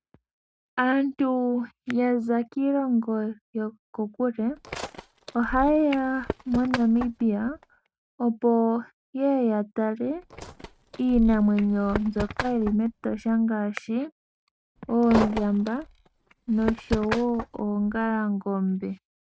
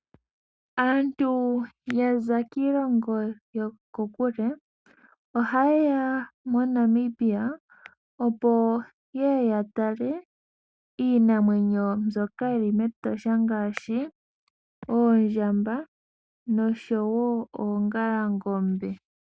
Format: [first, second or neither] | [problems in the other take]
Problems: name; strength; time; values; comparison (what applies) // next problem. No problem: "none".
second | noise reduction (neural mask model RNNoise)